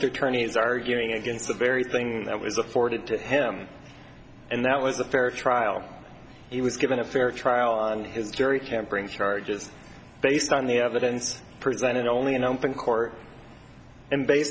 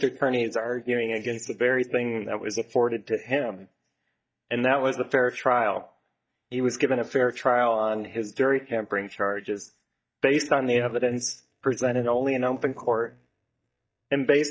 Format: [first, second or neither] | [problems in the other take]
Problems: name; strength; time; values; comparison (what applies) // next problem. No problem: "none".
first | noise reduction (neural mask model DeepFilterNet 3)